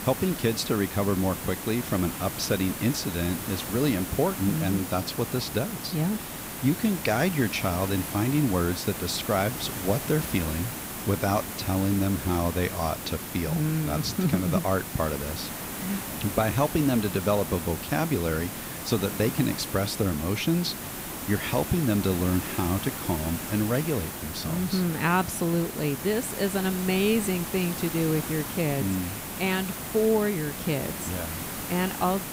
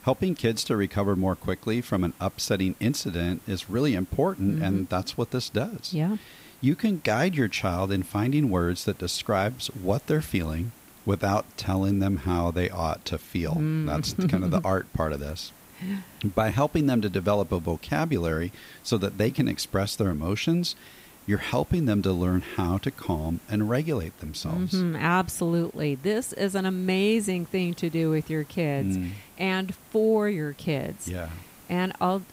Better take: second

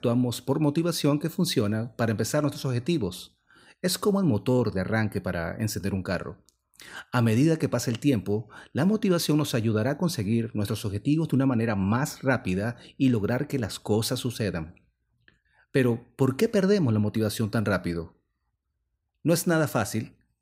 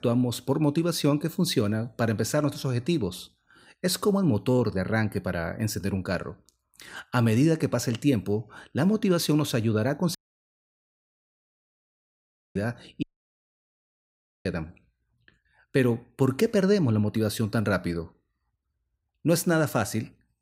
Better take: first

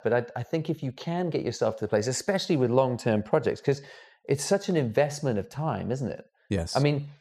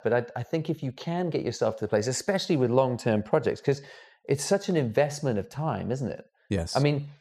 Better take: neither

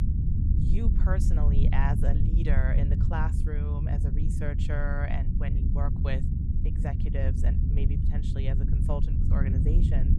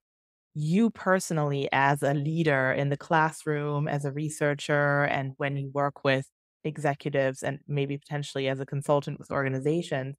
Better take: second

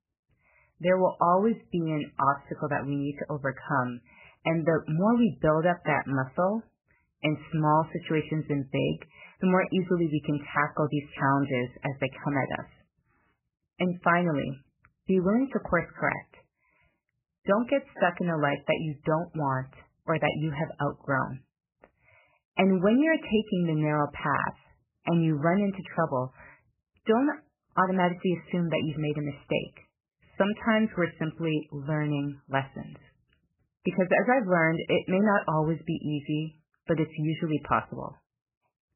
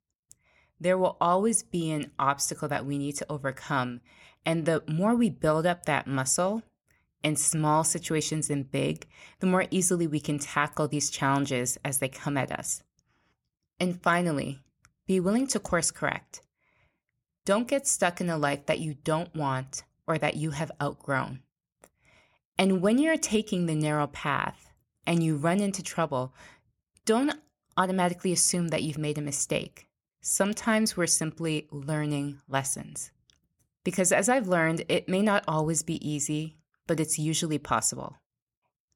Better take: second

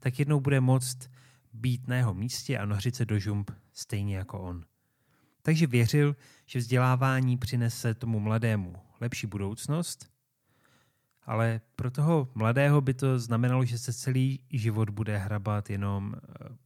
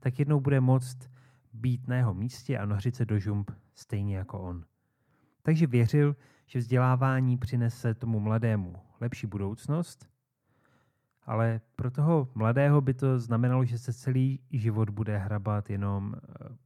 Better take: first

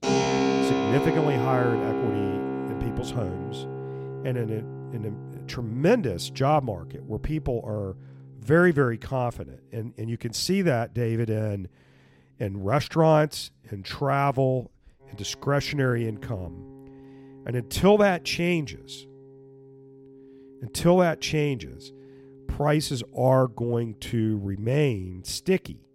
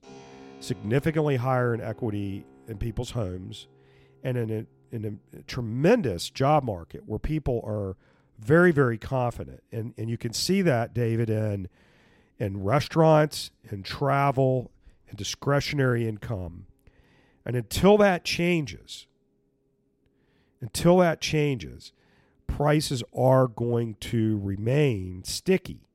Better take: second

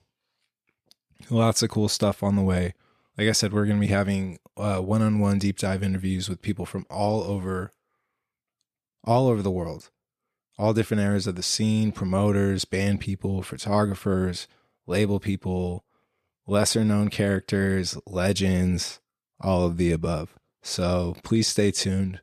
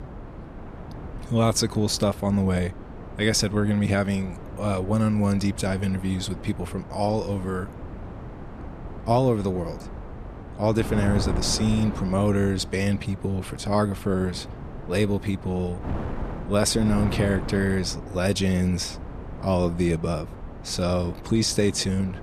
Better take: first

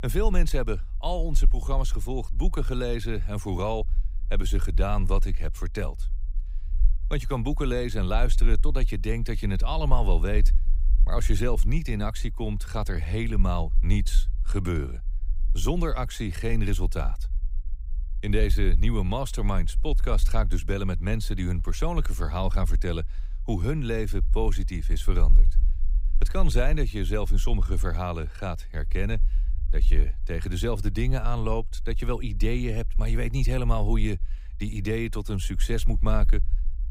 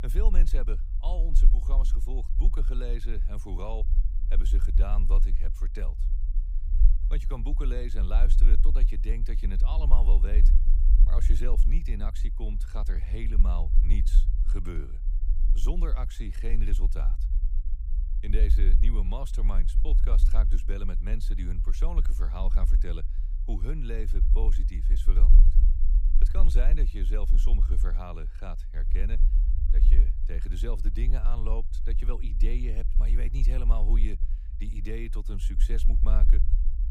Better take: first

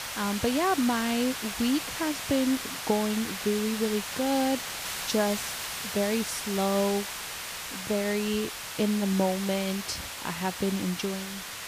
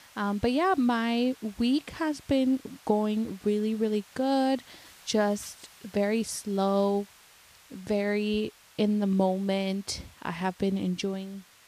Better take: second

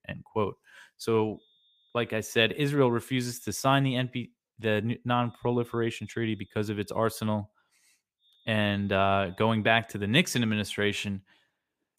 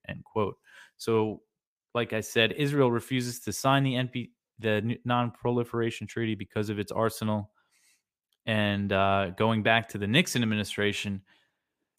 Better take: second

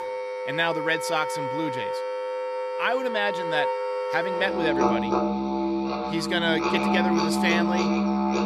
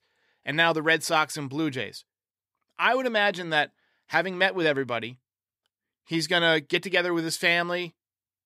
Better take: second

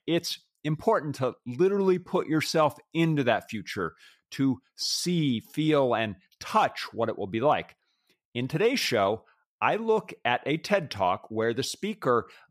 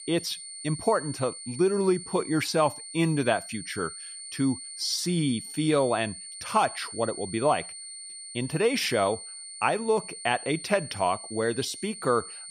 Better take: first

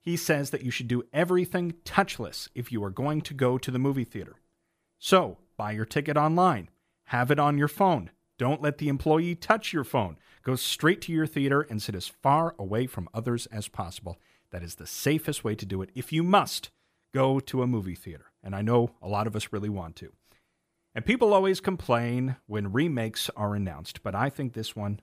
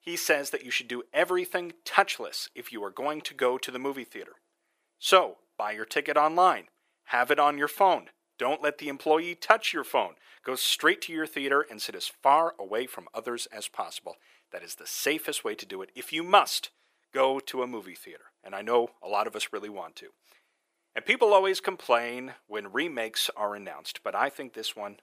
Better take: first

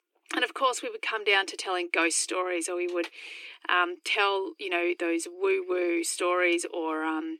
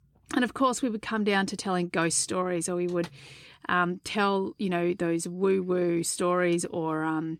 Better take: second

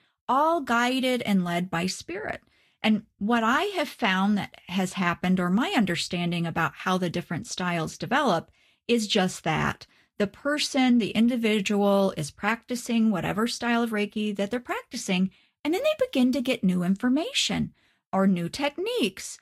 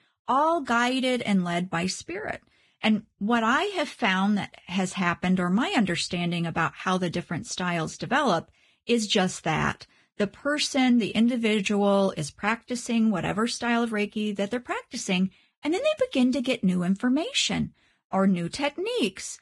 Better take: first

